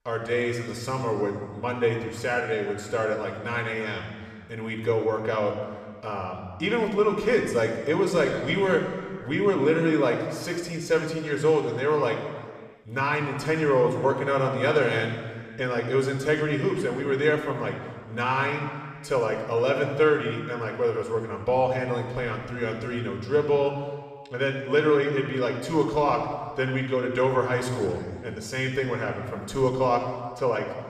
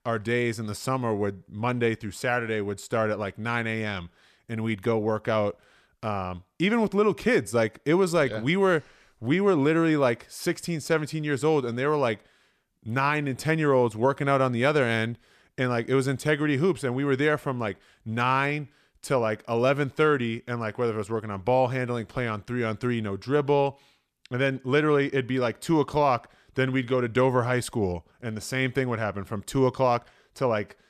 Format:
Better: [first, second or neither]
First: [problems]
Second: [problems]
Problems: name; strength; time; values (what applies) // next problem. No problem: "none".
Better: second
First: room echo; noticeable; dies away in 1.6 s // off-mic speech; somewhat distant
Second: none